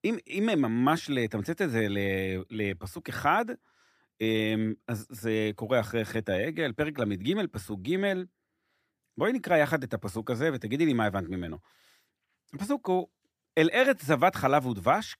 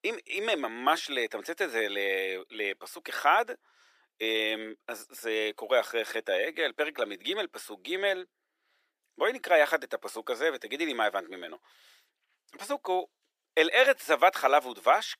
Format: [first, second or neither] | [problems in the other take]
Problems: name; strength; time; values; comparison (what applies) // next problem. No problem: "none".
first | thin; very; fading below 400 Hz